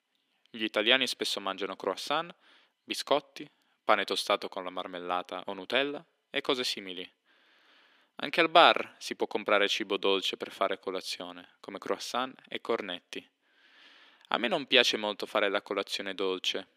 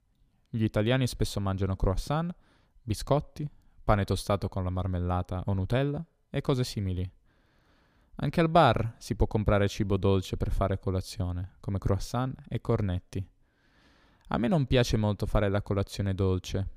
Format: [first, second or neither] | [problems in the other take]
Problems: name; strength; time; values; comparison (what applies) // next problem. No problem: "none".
second | thin; very; fading below 300 Hz